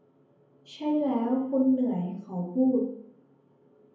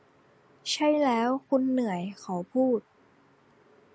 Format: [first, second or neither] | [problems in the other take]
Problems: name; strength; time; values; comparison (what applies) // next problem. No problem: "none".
second | room echo; dies away in 0.7 s